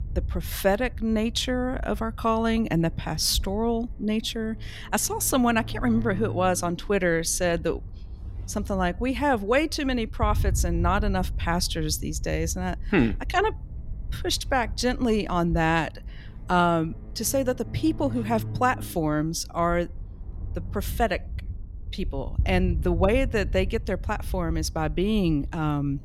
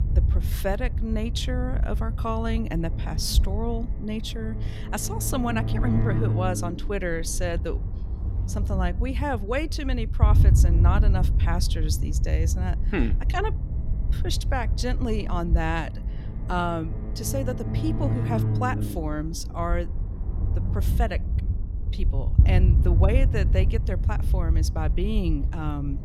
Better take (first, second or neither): first